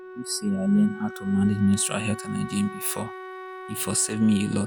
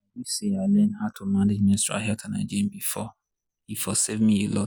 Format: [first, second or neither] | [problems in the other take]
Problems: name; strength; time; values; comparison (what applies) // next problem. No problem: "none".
second | background sound (Wind instrument, woodwind instrument); 13 dB below the speech